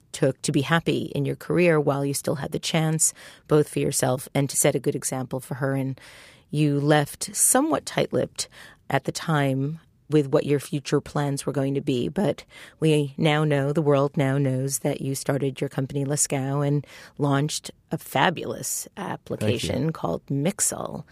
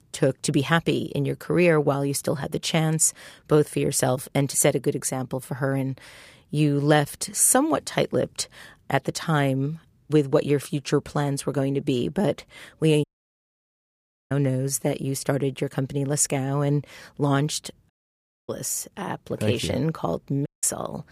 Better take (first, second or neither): first